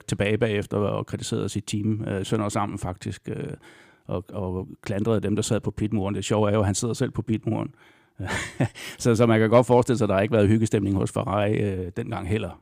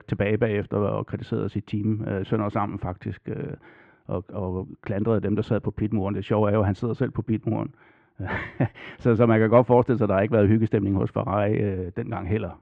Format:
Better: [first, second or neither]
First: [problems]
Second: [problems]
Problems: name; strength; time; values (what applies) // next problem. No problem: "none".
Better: first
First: none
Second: muffled; very; fading above 2 kHz